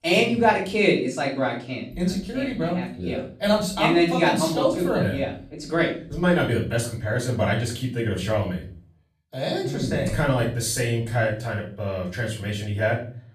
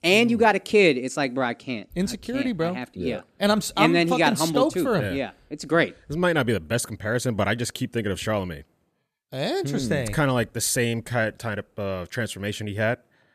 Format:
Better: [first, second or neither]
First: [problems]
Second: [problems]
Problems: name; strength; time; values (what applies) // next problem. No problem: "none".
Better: second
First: off-mic speech; far // room echo; slight; dies away in 0.5 s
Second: none